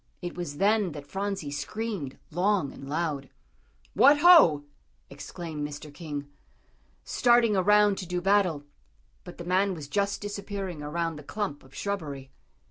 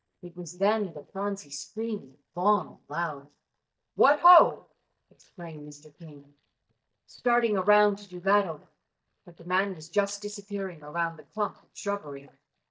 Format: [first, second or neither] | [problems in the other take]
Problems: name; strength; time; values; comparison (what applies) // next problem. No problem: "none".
first | noise reduction (neural mask model DeepFilterNet 3)